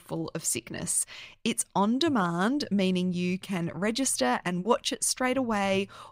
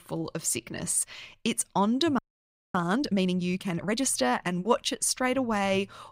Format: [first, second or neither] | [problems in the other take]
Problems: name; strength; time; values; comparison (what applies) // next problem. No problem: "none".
first | audio freezing; at 2 s for 0.5 s